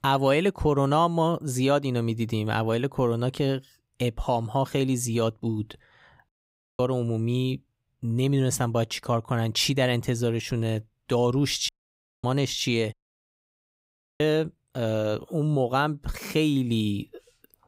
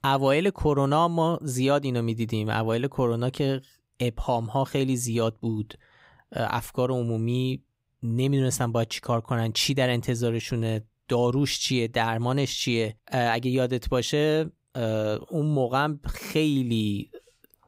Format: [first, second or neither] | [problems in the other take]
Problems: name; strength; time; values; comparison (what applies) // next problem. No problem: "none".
second | audio cutting out; at 6.5 s for 0.5 s, at 12 s for 0.5 s and at 13 s for 1.5 s